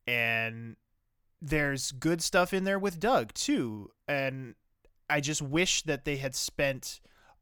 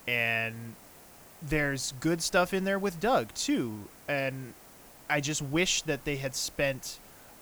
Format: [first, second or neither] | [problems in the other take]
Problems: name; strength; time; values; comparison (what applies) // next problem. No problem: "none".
first | hiss; faint; throughout; 20 dB below the speech